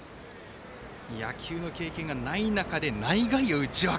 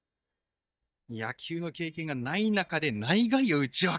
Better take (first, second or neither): first